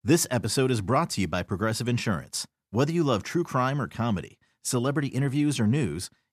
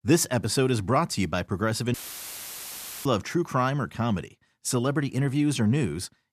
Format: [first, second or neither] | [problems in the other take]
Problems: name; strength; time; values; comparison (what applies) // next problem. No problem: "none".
first | audio cutting out; filled with static; at 2 s for 1 s